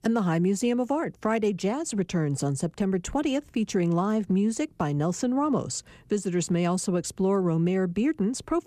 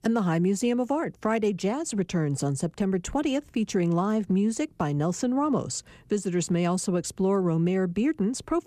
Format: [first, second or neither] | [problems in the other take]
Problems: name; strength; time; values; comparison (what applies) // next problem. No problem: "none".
neither | none